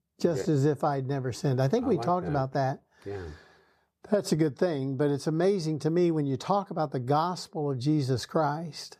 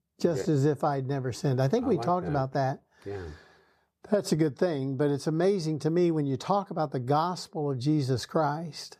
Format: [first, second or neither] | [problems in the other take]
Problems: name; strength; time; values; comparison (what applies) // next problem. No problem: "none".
neither | none